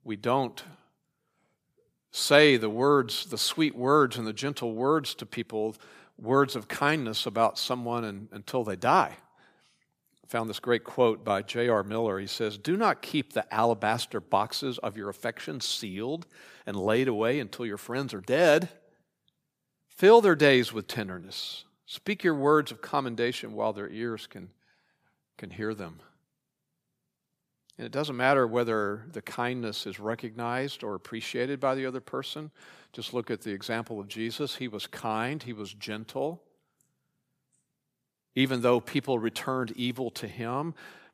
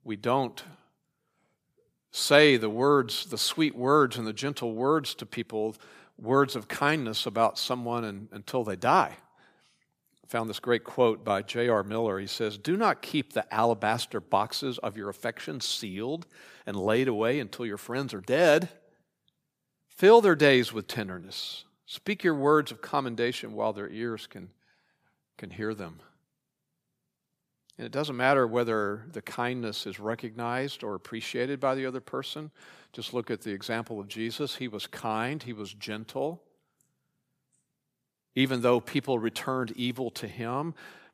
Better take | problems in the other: neither | none

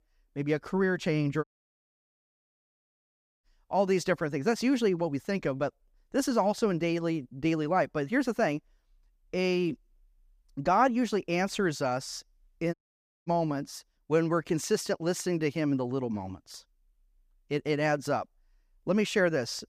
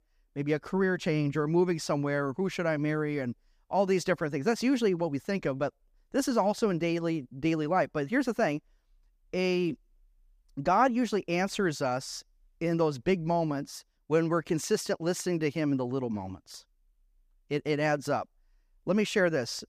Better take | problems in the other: second | audio cutting out; at 1.5 s for 2 s and at 13 s for 0.5 s

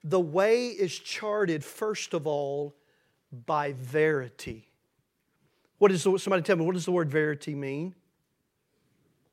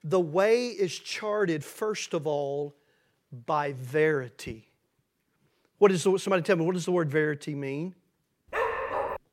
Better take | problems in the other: first | dog barking; noticeable; at 8.5 s; peak 2 dB below the speech

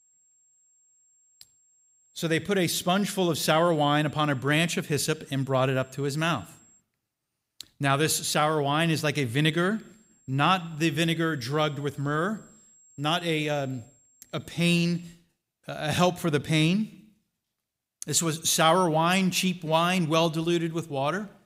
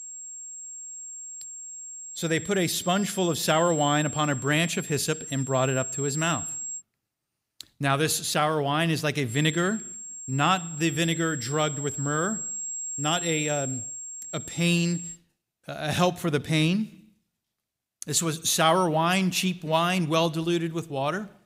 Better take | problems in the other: first | high-pitched whine; loud; until 7 s and from 9.5 to 15 s; 7.5 kHz, 8 dB below the speech; faint in the first

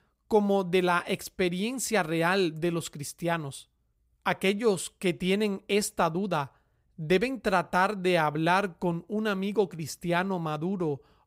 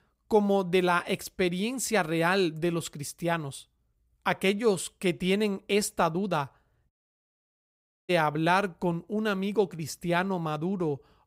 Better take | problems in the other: first | audio cutting out; at 7 s for 1 s

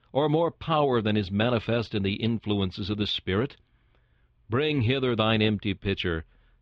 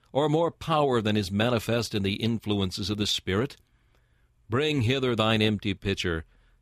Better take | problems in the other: second | muffled; slightly; fading above 3.5 kHz

